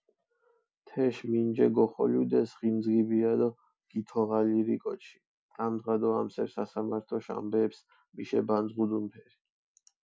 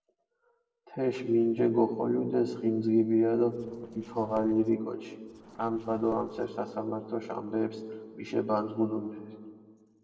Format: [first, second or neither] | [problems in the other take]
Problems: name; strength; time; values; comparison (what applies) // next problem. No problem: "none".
first | noise reduction (neural separator model SepFormer DNS4)